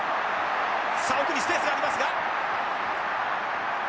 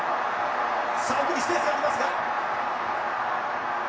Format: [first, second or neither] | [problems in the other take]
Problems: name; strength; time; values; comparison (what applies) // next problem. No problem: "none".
first | room echo; dies away in 0.6 s